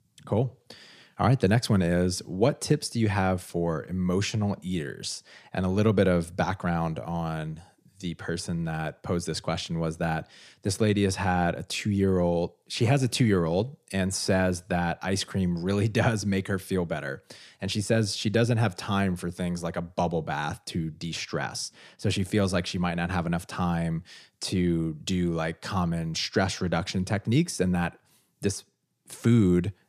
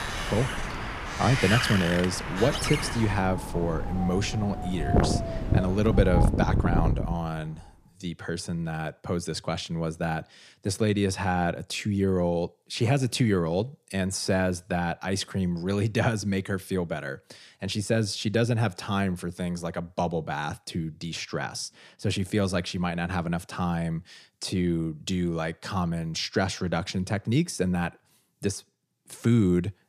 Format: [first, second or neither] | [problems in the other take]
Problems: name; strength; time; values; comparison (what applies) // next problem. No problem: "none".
first | wind in the background; loud; until 7.5 s; 1 dB below the speech